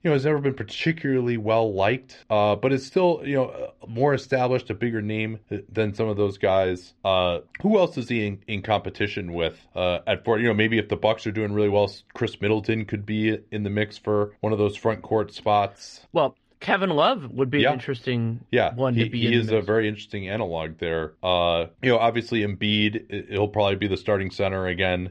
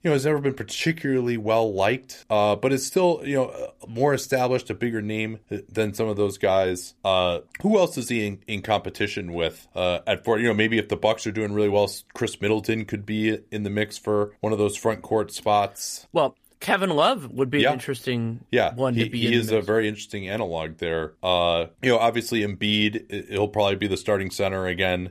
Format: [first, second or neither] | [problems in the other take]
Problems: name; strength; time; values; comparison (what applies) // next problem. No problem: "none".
second | muffled; very slightly; fading above 4 kHz